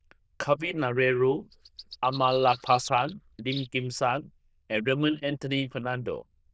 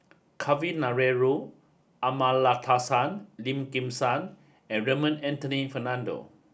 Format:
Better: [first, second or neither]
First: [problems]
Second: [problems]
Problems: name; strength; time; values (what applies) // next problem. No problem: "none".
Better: second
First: noise reduction (neural diffusion model UNIVERSE++)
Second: none